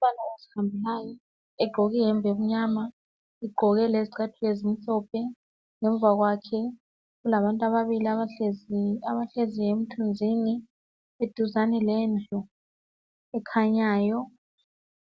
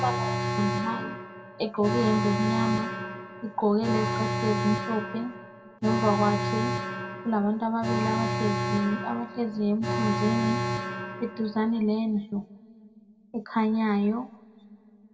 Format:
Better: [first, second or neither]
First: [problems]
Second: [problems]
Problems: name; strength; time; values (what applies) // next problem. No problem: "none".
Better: first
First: none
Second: background sound (Alarm); 3 dB below the speech // room echo; dies away in 1.3 s